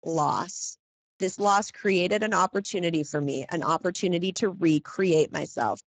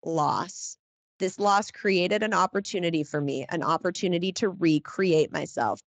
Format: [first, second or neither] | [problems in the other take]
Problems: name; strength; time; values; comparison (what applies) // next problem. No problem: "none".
second | garbled, watery; badly; nothing above 7.5 kHz; slightly in the second